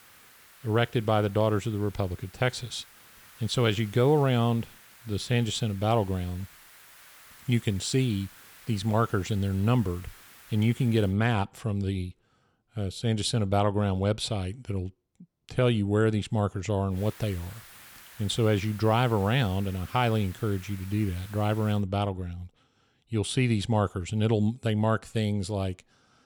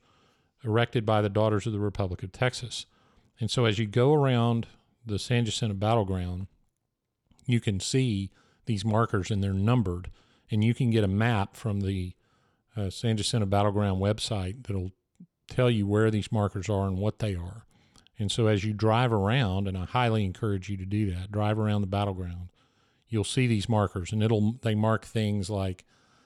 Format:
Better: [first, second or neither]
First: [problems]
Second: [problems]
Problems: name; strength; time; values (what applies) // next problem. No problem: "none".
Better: second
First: hiss; faint; until 11 s and from 17 to 22 s; 20 dB below the speech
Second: none